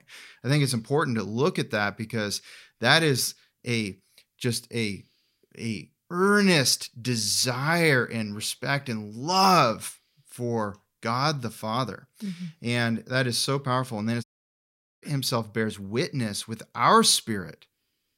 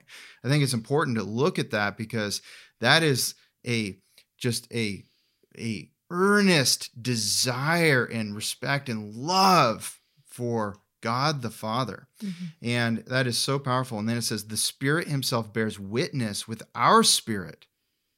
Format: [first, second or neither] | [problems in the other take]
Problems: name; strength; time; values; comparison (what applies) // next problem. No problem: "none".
second | audio cutting out; at 14 s for 1 s